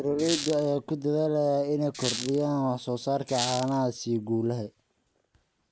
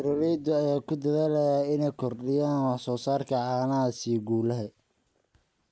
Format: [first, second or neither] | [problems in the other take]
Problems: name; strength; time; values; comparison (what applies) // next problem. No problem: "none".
second | background sound (Squeak); 8 dB below the speech